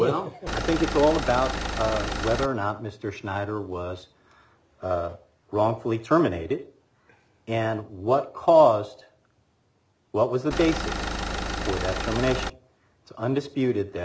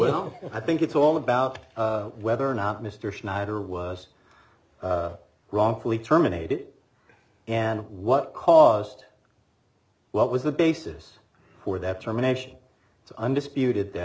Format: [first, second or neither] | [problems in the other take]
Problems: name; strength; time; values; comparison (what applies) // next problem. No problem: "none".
second | background sound (Engine); 3 dB below the speech